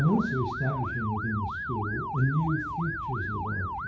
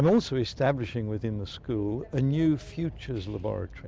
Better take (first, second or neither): second